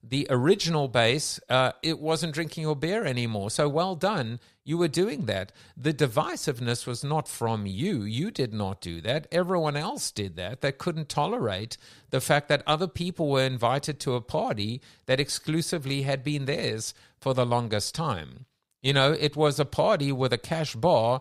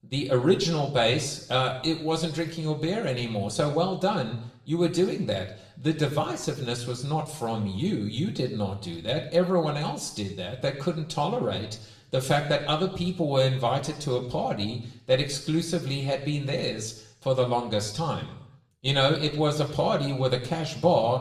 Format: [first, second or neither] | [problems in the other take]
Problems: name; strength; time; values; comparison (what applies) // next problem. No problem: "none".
first | room echo; slight; dies away in 0.7 s // off-mic speech; somewhat distant